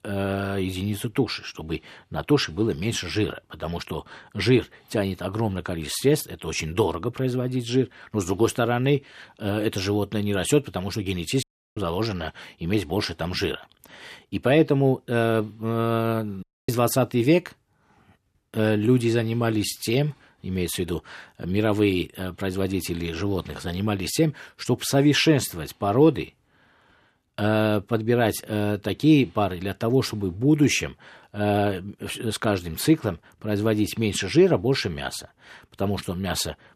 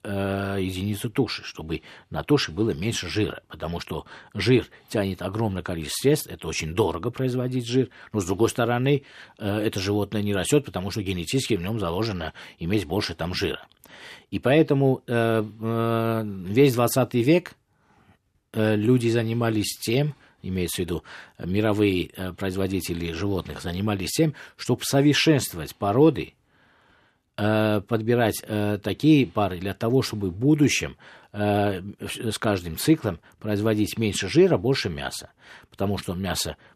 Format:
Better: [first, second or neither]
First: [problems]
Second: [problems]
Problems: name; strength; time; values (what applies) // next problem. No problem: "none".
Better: second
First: audio cutting out; at 11 s and at 16 s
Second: none